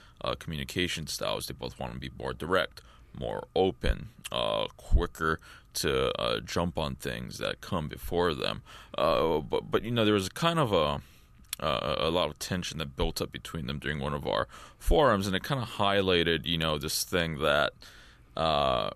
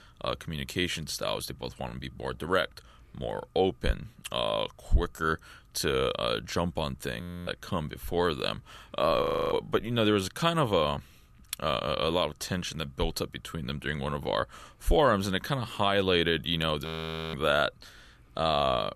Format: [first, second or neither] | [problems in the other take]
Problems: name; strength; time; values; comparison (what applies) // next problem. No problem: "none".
first | audio freezing; at 7 s, at 9 s and at 17 s